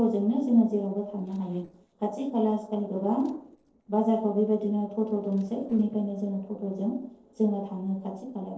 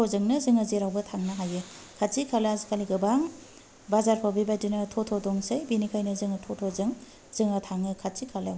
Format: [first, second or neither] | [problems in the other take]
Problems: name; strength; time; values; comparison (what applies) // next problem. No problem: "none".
second | noise reduction (neural separator model SepFormer DNS4)